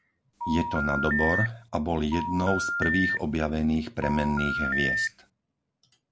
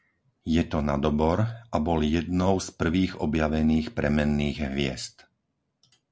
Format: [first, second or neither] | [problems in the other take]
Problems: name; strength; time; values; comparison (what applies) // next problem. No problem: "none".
second | background sound (Telephone); 1 dB below the speech